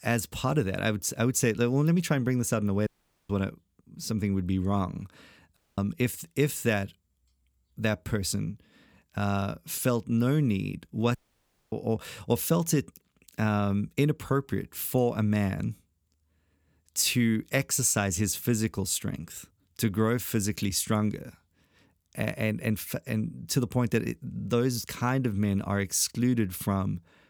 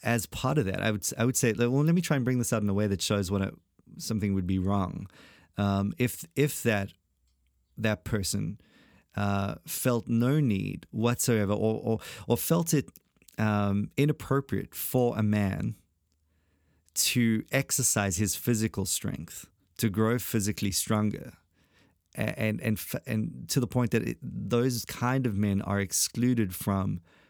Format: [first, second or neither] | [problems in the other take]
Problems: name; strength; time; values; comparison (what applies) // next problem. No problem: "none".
second | audio cutting out; at 3 s, at 5.5 s and at 11 s for 0.5 s